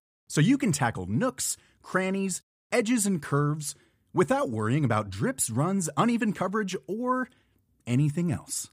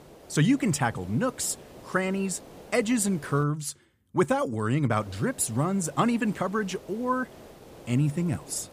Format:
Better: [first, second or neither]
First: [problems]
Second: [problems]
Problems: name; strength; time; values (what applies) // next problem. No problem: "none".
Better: first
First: none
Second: hiss; faint; until 3.5 s and from 5 s on; 20 dB below the speech